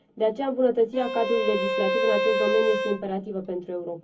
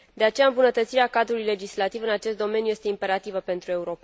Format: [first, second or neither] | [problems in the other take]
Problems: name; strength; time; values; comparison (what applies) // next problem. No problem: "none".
second | background sound (Bowed string instrument); 2 dB below the speech // room echo; dies away in 0.3 s